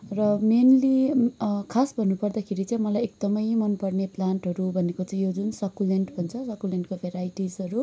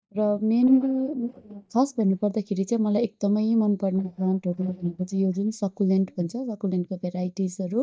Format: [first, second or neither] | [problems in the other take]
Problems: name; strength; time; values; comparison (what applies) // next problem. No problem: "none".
first | noise reduction (neural mask model DeepFilterNet 3)